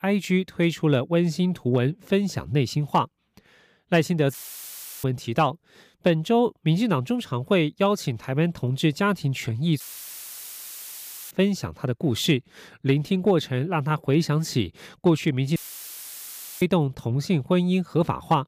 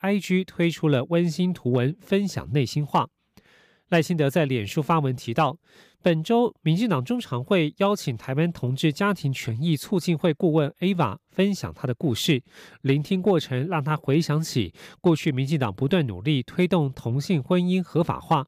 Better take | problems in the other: second | audio cutting out; filled with static; at 4.5 s for 0.5 s, at 10 s for 1.5 s and at 16 s for 1 s

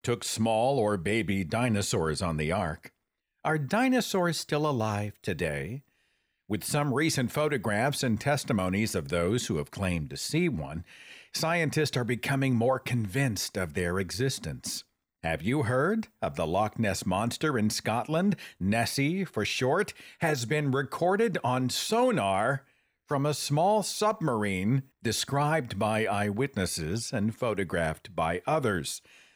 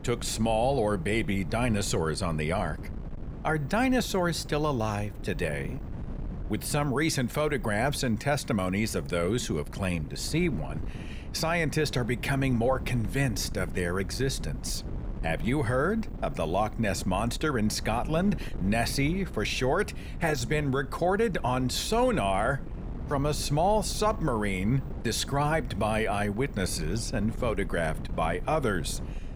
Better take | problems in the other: first | wind noise on the microphone; occasional gusts; 20 dB below the speech

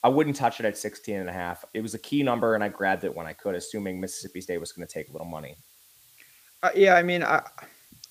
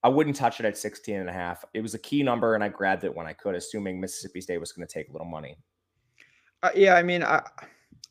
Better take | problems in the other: second | hiss; faint; throughout; 30 dB below the speech

